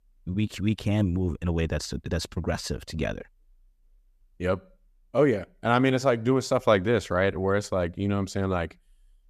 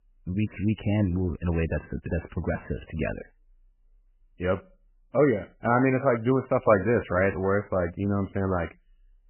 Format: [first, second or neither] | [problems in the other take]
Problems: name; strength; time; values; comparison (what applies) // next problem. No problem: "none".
first | garbled, watery; badly; nothing above 3 kHz